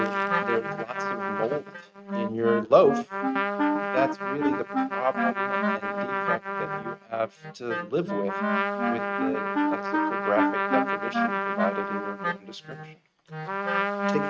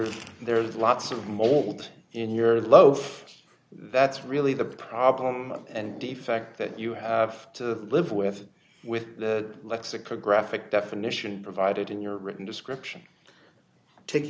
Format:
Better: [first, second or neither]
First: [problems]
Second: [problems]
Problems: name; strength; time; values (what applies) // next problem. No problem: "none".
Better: second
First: noise reduction (neural mask model RNNoise)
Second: none